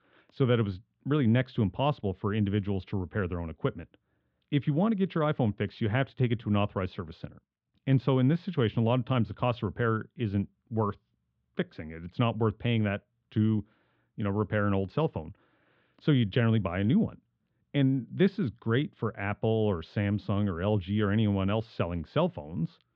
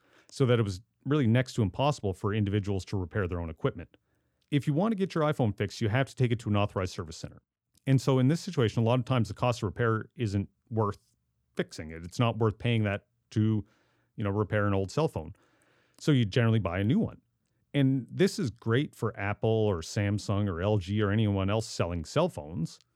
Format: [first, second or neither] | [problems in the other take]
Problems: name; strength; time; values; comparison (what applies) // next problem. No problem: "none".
second | muffled; very; fading above 3.5 kHz